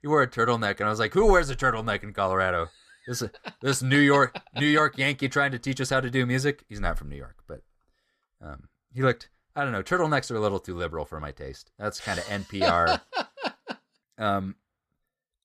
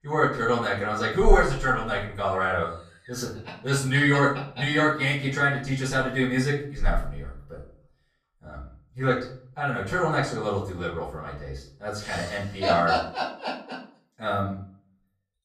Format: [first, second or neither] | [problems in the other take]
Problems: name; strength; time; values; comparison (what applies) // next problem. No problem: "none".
first | off-mic speech; far // room echo; noticeable; dies away in 0.4 s